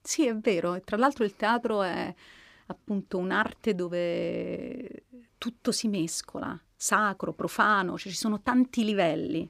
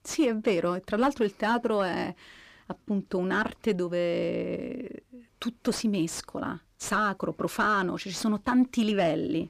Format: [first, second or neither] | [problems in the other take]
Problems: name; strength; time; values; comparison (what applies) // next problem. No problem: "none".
first | distortion; slight; 10 dB below the speech